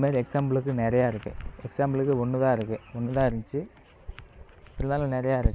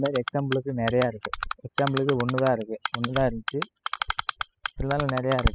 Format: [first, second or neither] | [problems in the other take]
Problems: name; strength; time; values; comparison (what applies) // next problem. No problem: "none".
first | noise reduction (classical method spectral subtraction)